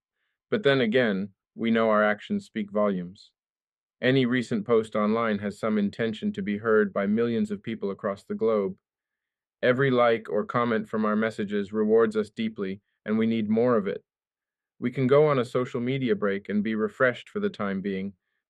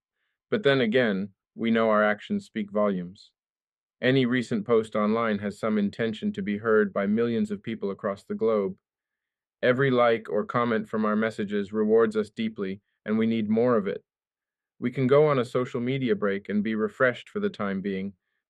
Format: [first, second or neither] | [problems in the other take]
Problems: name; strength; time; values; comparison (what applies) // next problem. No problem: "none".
neither | muffled; slightly; fading above 3.5 kHz; the same in both